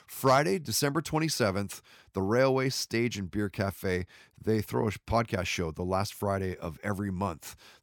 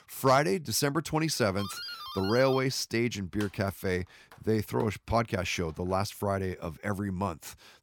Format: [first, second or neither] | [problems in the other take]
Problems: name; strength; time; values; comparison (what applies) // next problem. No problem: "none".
first | doorbell; noticeable; from 1.5 to 6 s; peak 8 dB below the speech